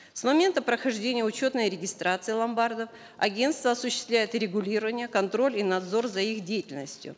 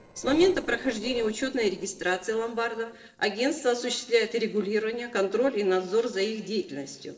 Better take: first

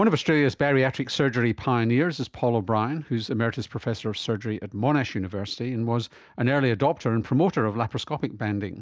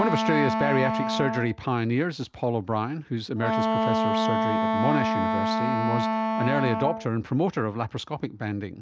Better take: first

